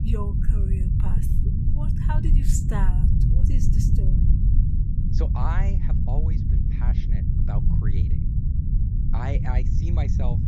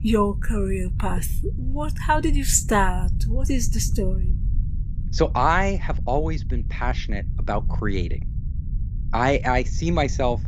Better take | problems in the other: second | low rumble; loud; throughout; as loud as the speech; faint in the second

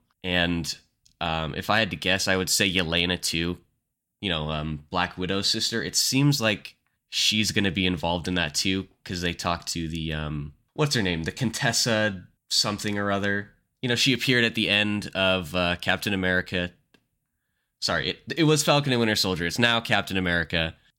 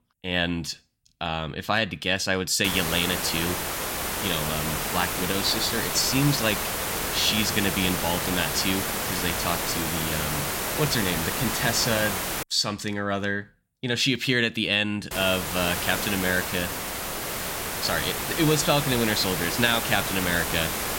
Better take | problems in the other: first | hiss; loud; from 2.5 to 12 s and from 15 s on; 2 dB below the speech

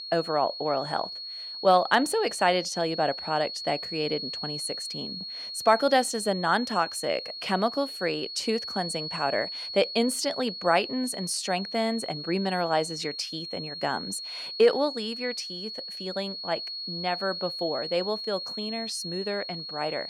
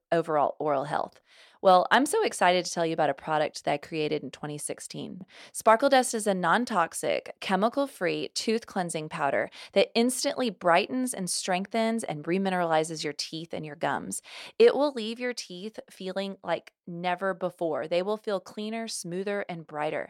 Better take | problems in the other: second | high-pitched whine; loud; throughout; 4.5 kHz, 6 dB below the speech

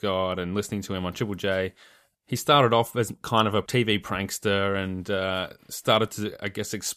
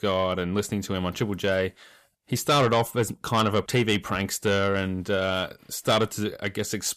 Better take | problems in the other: first | distortion; slight; 10 dB below the speech

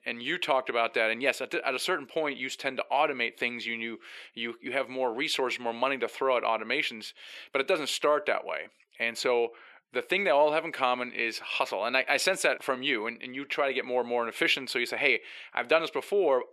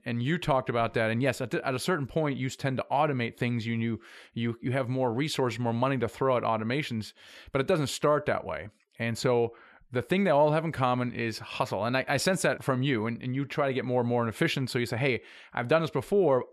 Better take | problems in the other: second | thin; somewhat; fading below 350 Hz

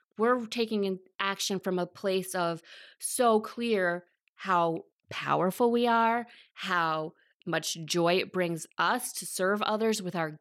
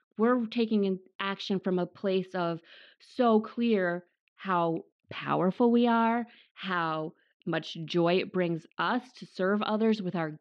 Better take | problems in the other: first | muffled; slightly; fading above 3.5 kHz

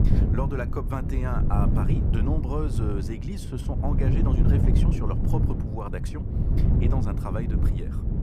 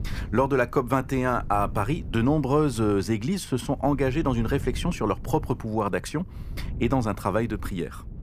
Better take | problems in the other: second | wind noise on the microphone; heavy; 1 dB below the speech; occasional gusts in the second

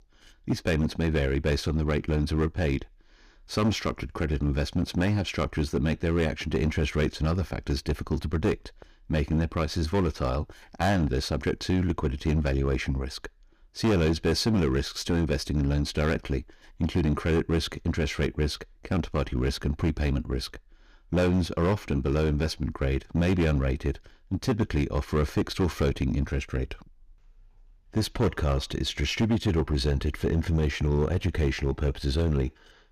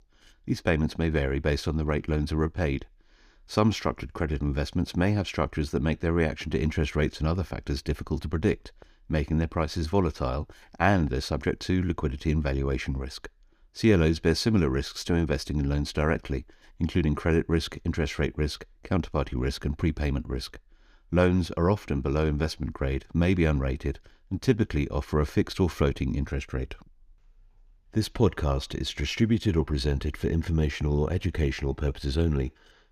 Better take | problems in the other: second | distortion; slight; 8% of the sound clipped

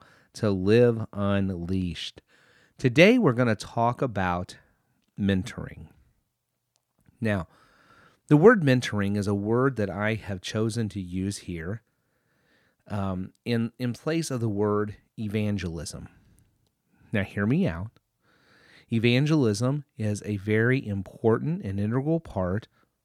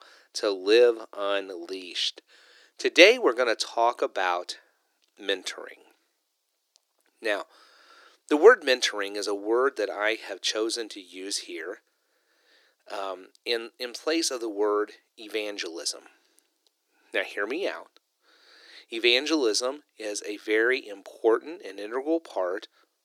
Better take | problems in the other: first | thin; very; fading below 350 Hz

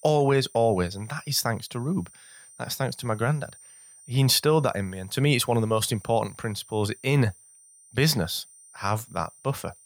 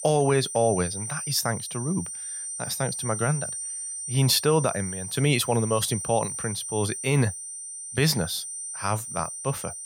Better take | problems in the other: first | high-pitched whine; loud; throughout; 9 kHz, 6 dB below the speech; faint in the first

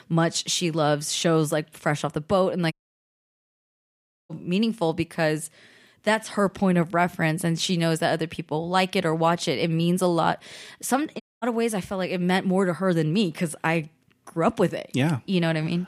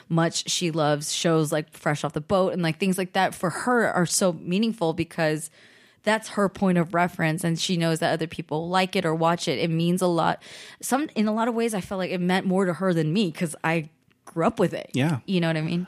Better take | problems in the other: second | audio cutting out; at 2.5 s for 1.5 s and at 11 s

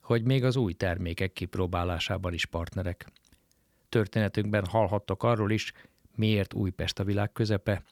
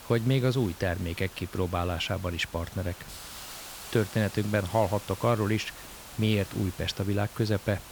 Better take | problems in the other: first | hiss; noticeable; throughout; 15 dB below the speech

